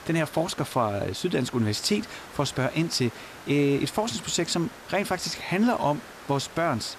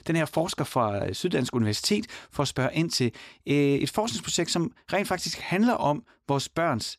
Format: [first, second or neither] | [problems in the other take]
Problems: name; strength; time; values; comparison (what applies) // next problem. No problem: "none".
second | hiss; noticeable; throughout; 15 dB below the speech